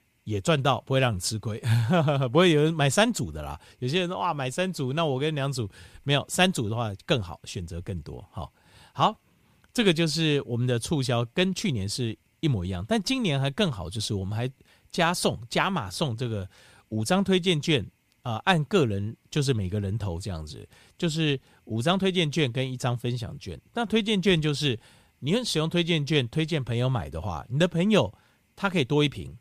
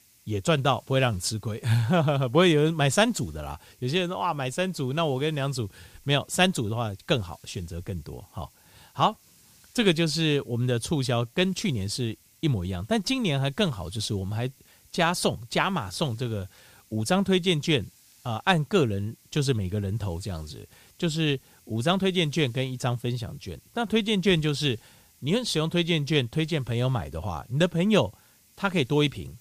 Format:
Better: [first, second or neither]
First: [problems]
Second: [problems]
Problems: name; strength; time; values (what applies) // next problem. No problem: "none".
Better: first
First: none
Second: hiss; faint; throughout; 30 dB below the speech